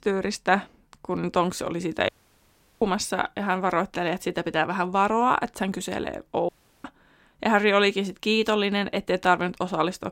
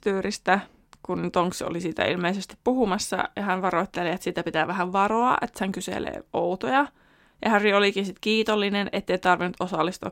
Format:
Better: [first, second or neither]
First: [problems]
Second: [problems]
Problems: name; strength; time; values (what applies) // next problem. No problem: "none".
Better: second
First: audio cutting out; at 2 s for 0.5 s and at 6.5 s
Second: none